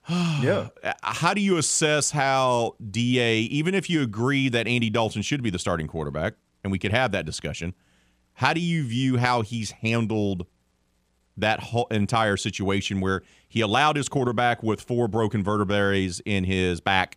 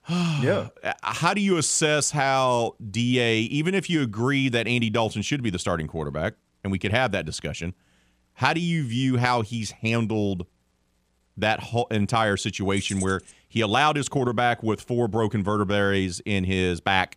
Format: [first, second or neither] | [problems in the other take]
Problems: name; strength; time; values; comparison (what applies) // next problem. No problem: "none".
first | jangling keys; faint; at 13 s; peak 10 dB below the speech